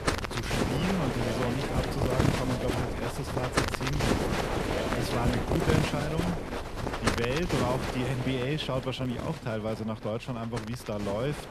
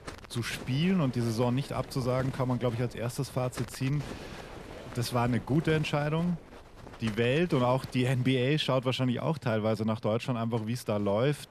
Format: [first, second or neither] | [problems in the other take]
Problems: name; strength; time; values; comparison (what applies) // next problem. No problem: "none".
second | wind noise on the microphone; heavy; 3 dB above the speech; occasional gusts in the second